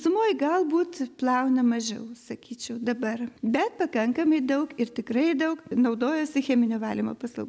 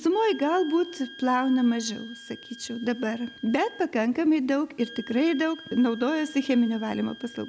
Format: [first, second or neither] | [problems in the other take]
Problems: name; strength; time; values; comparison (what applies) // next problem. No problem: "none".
first | background sound (Wind instrument, woodwind instrument); 20 dB below the speech